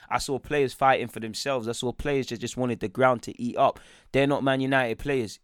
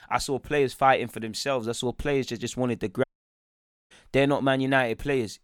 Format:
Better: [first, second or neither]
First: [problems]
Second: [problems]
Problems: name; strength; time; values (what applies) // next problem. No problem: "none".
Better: first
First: none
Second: audio cutting out; at 3 s for 1 s